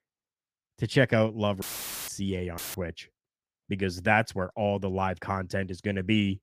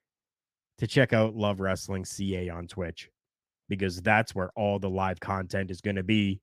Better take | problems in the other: second | audio cutting out; filled with static; at 1.5 s and at 2.5 s

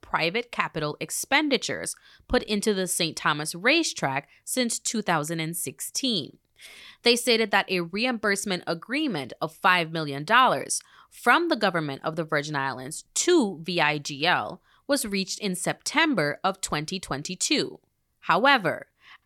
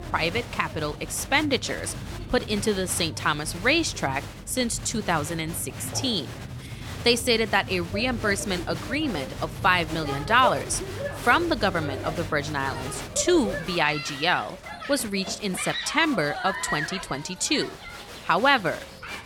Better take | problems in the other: first | crowd noise; loud; throughout; 10 dB below the speech

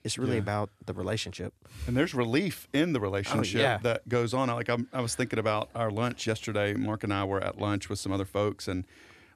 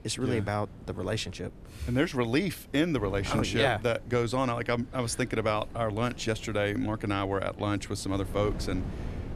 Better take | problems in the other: first | wind noise on the microphone; occasional gusts; 20 dB below the speech

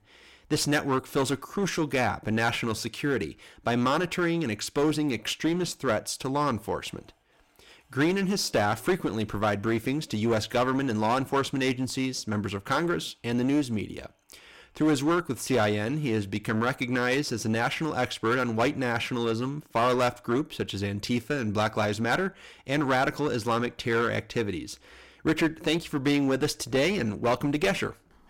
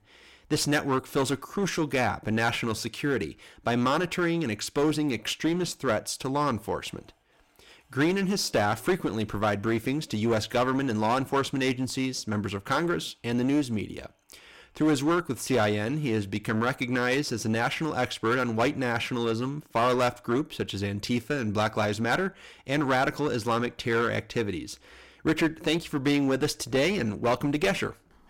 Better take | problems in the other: neither | distortion; slight; 8% of the sound clipped; the same in both

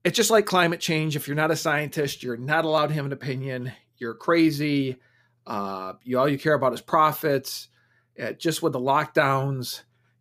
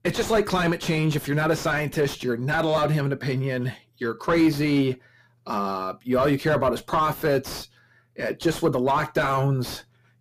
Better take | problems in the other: first | distortion; heavy; 6 dB below the speech

